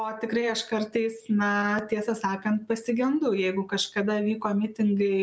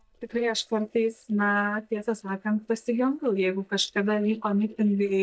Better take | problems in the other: first | noise reduction (neural mask model DeepFilterNet 3)

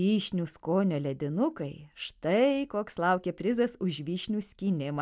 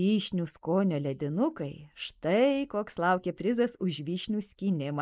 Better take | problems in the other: first | noise reduction (neural mask model Resemble Enhance denoiser)

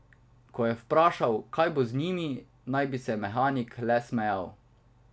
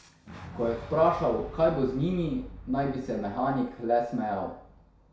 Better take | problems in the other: first | background sound (Boom); 16 dB below the speech // room echo; dies away in 0.6 s

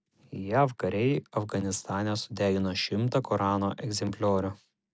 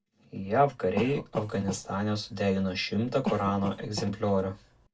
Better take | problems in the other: first | background sound (Cough); 11 dB below the speech // room echo; dies away in 0.1 s

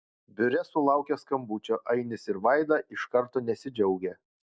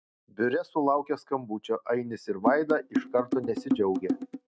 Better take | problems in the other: first | noise reduction (neural mask model RNNoise)

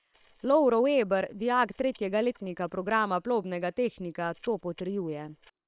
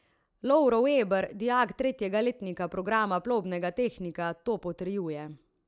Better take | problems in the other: second | noise reduction (neural separator model SepFormer WHAM!)

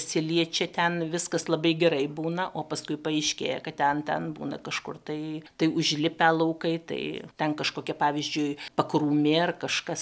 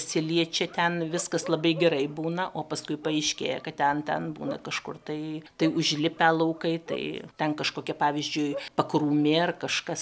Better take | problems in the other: first | background sound (Bark); 19 dB below the speech

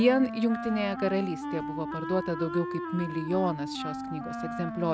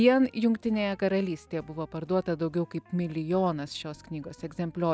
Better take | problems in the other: second | background sound (Wind instrument, woodwind instrument); 6 dB below the speech

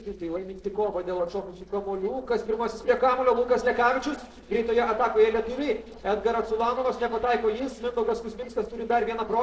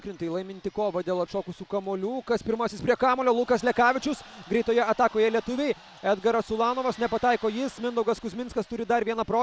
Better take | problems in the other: second | noise reduction (neural separator model SepFormer DNS4)

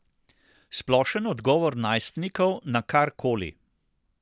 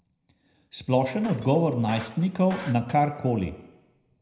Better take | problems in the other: first | background sound (Shatter); 18 dB below the speech // room echo; dies away in 0.7 s

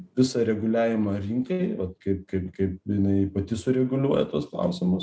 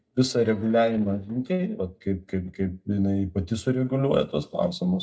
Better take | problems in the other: first | noise reduction (neural mask model DeepFilterNet 3)

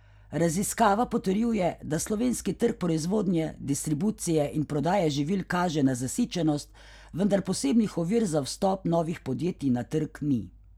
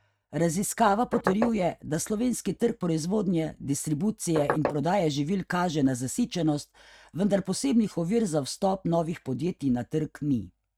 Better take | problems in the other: first | noise reduction (neural mask model RNNoise)

